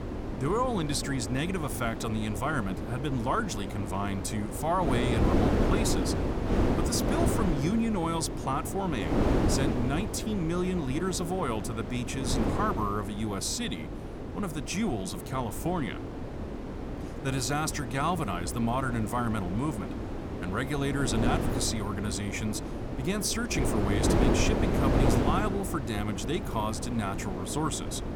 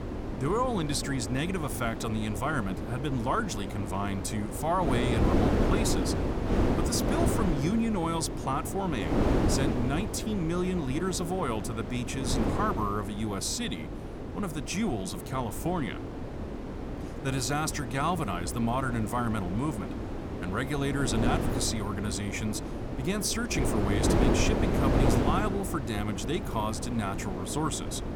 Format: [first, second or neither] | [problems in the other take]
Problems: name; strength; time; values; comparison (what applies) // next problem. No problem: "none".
neither | wind noise on the microphone; heavy; 3 dB below the speech; the same in both